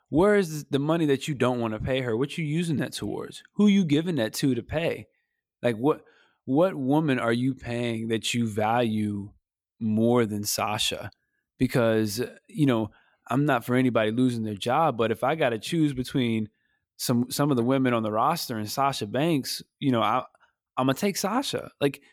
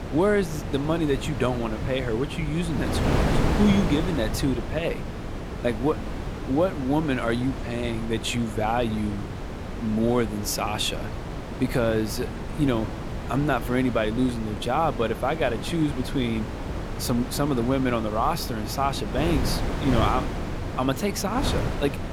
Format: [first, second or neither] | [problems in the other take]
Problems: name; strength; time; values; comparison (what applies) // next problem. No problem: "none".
first | wind noise on the microphone; heavy; 7 dB below the speech